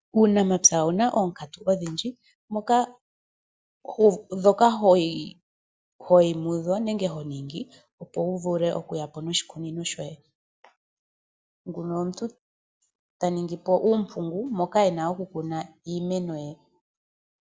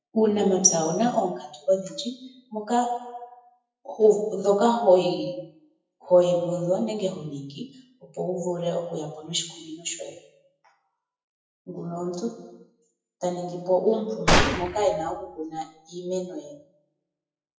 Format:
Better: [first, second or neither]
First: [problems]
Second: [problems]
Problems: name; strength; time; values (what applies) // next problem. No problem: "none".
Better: first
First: none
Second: noise reduction (classical method WPE with log-MMSE)